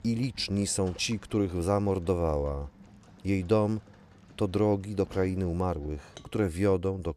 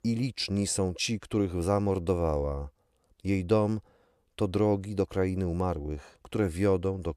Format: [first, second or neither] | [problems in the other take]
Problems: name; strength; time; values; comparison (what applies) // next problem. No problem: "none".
second | household noises; faint; throughout; 25 dB below the speech